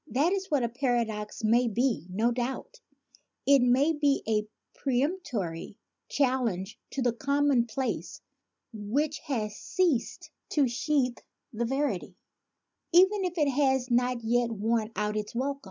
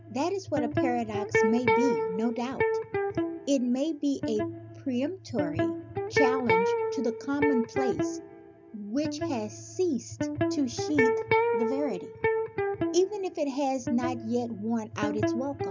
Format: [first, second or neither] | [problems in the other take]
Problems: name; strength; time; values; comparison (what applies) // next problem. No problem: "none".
first | background sound (Electric guitar); 1 dB above the speech